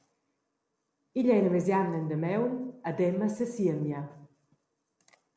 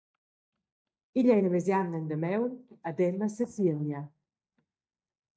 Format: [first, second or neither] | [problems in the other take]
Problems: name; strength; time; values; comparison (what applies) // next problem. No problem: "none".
first | noise reduction (neural mask model DeepFilterNet 3)